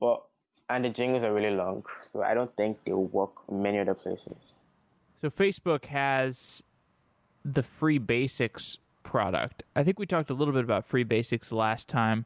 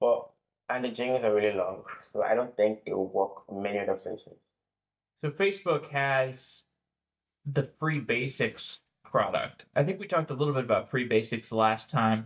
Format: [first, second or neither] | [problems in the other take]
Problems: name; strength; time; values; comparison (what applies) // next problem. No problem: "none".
first | noise reduction (neural mask model DeepFilterNet 3)